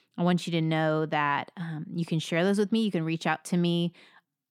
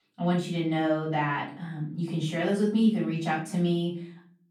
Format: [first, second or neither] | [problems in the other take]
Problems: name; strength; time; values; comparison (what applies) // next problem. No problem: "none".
first | room echo; noticeable; dies away in 0.4 s // off-mic speech; far